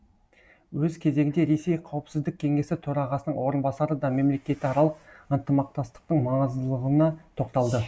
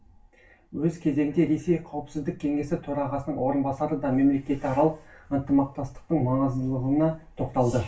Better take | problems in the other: first | room echo; dies away in 0.2 s

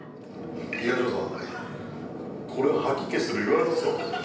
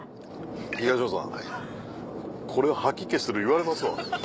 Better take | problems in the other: second | room echo; dies away in 0.9 s

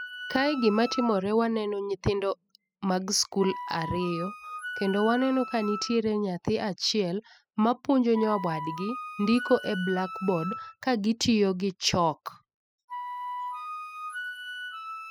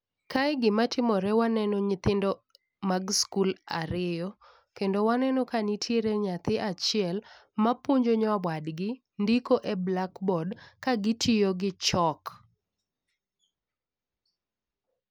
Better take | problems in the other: second | noise reduction (classical method spectral subtraction)

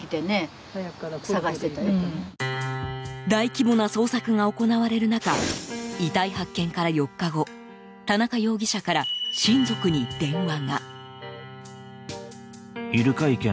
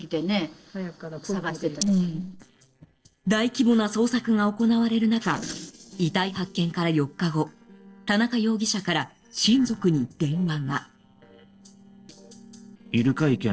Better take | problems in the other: first | noise reduction (neural separator model SepFormer DNS4)

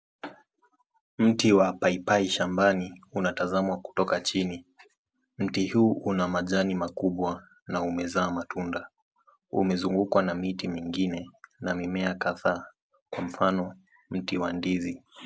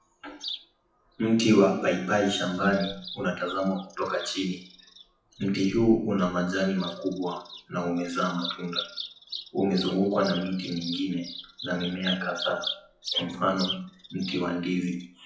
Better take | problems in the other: first | noise reduction (classical method WPE with log-MMSE)

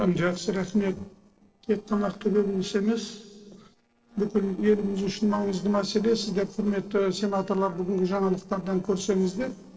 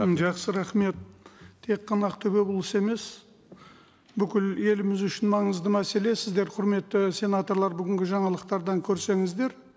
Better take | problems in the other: second | noise reduction (neural separator model SepFormer DNS4)

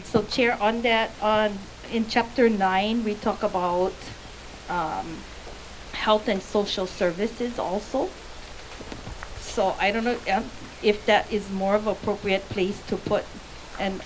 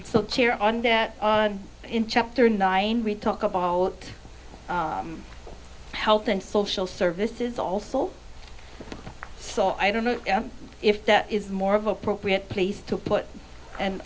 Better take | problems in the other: second | background sound (Rain); 18 dB below the speech

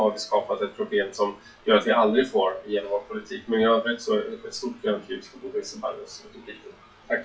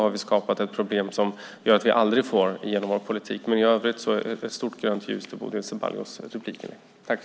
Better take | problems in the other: second | noise reduction (classical method WPE with log-MMSE)

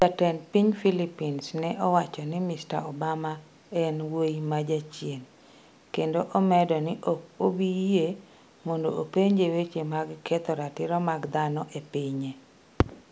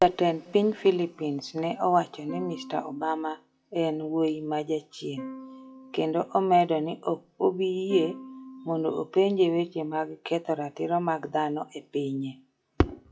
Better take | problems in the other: first | noise reduction (classical method WPE with log-MMSE)

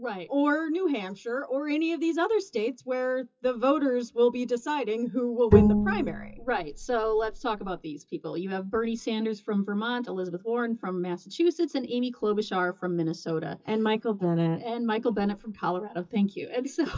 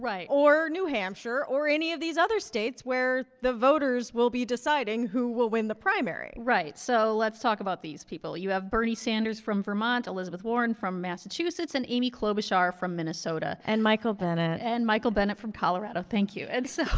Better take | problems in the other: second | noise reduction (classical method WPE with log-MMSE)

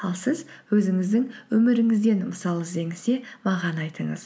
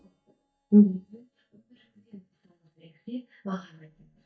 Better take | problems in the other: first | noise reduction (neural mask model DeepFilterNet 3)

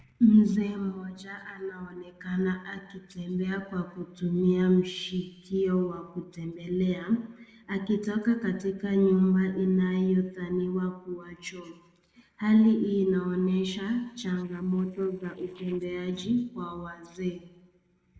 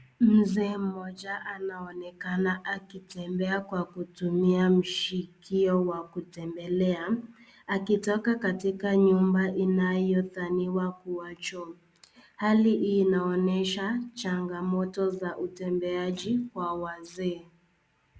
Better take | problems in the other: second | noise reduction (neural separator model SepFormer DNS4)

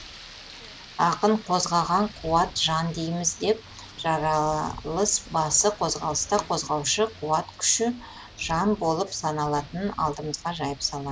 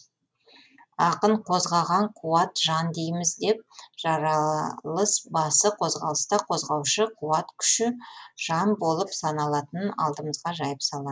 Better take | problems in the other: second | background sound (Rain); 18 dB below the speech

